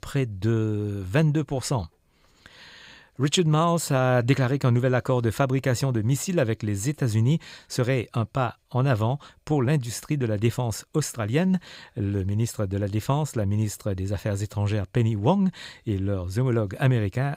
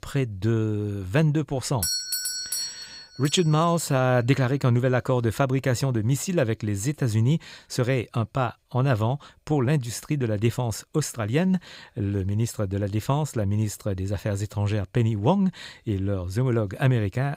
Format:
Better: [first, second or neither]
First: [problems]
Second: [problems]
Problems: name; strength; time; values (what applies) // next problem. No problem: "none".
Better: first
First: none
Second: doorbell; loud; from 2 to 3.5 s; peak level with the speech